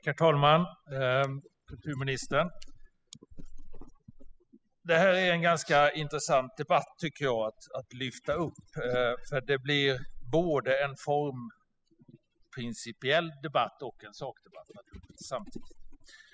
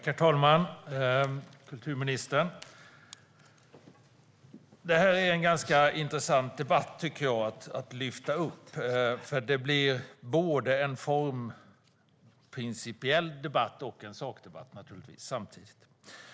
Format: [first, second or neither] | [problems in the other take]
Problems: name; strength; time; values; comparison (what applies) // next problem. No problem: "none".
second | noise reduction (classical method spectral subtraction)